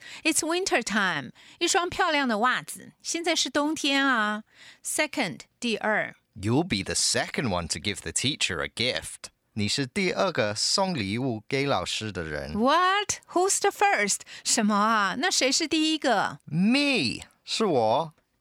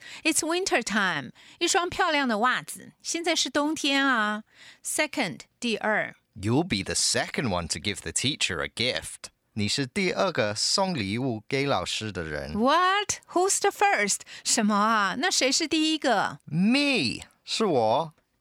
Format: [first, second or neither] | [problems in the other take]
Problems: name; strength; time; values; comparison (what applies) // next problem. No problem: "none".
neither | none